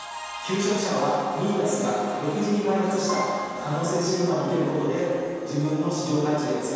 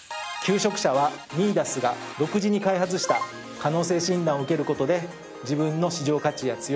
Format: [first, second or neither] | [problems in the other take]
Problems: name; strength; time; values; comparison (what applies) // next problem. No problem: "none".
second | room echo; dies away in 2.1 s